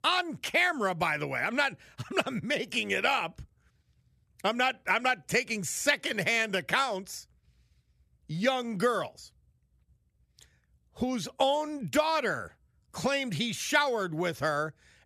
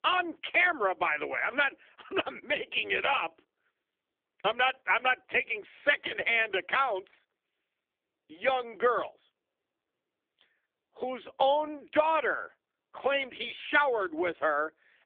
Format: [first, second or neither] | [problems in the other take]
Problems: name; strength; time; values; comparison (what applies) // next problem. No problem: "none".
first | phone-call audio; poor line; nothing above 3.5 kHz